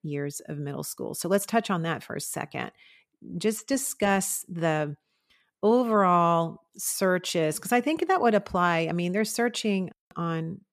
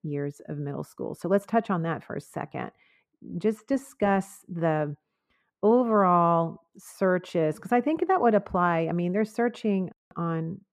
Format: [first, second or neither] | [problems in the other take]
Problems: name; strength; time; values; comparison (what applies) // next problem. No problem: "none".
first | muffled; very; fading above 2.5 kHz